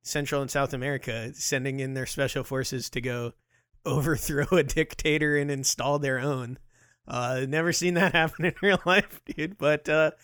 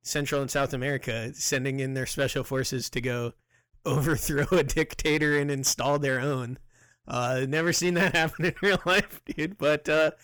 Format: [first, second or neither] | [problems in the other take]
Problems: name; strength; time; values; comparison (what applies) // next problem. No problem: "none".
first | distortion; slight; 5% of the sound clipped